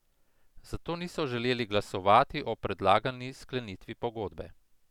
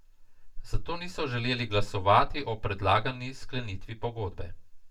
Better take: first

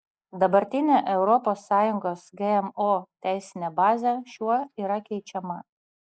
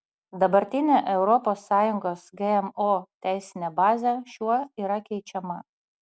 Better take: second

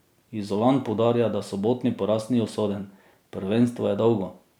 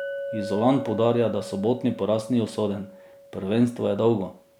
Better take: first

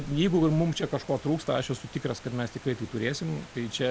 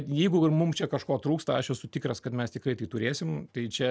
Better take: second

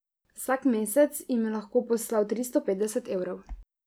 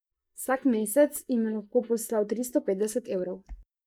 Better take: first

